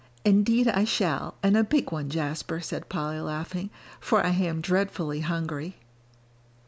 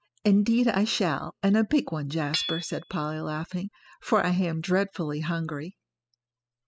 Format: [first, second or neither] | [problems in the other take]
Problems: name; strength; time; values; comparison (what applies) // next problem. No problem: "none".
first | noise reduction (classical method spectral subtraction)